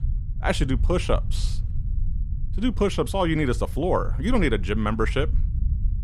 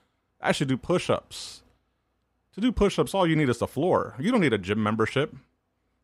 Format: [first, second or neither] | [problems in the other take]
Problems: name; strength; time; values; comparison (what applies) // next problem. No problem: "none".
second | low rumble; faint; throughout; 20 dB below the speech